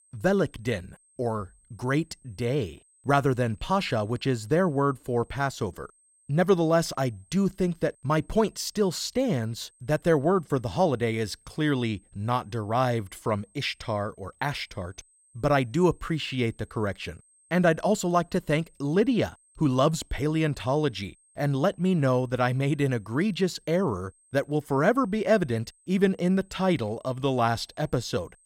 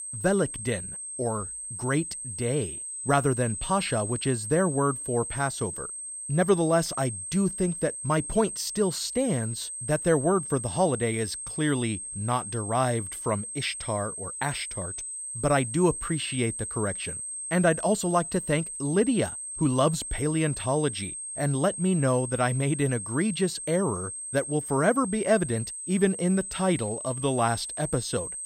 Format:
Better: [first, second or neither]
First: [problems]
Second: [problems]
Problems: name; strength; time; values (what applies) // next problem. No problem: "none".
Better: first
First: high-pitched whine; faint; throughout; 8.5 kHz, 35 dB below the speech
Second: high-pitched whine; loud; throughout; 8.5 kHz, 6 dB below the speech